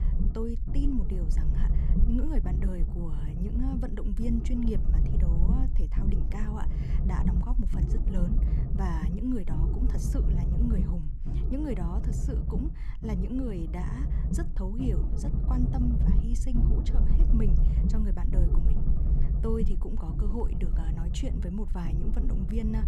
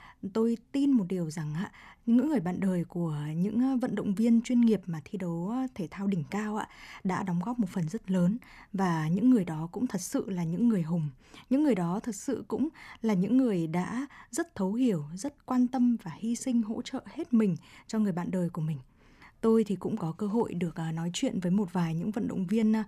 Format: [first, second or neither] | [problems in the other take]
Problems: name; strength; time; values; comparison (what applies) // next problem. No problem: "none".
second | low rumble; loud; throughout; 4 dB below the speech